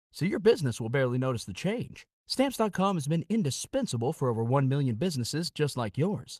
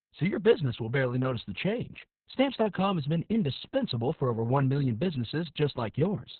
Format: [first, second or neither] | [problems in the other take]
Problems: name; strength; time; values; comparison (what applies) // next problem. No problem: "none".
first | garbled, watery; badly; nothing above 4 kHz; slightly in the first